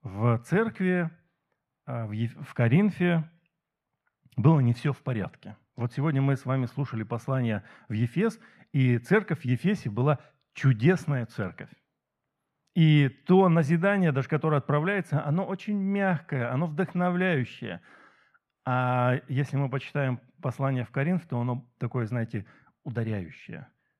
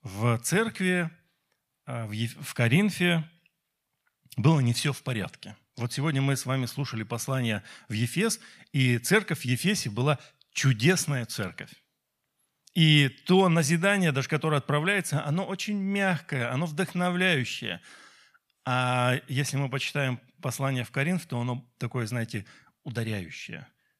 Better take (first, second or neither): second